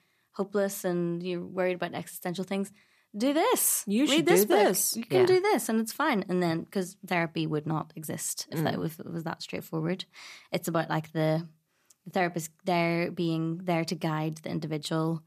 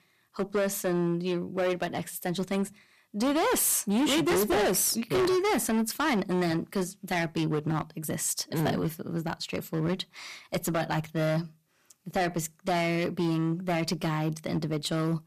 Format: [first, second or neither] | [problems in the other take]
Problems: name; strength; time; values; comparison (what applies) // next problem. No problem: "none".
first | distortion; heavy; 13% of the sound clipped